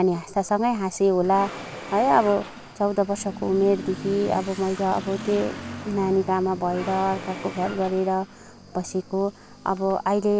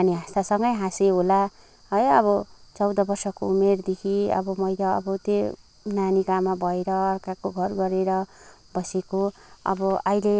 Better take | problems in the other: second | background sound (Engine / Mechanisms + Motorcycle / Accelerating, revving, vroom); 14 dB below the speech

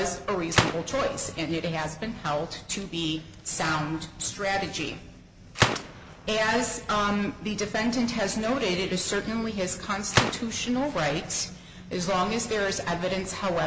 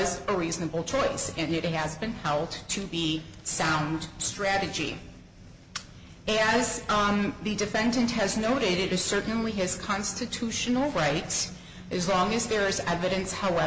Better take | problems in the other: second | background sound (Gunshot, gunfire); 6 dB below the speech

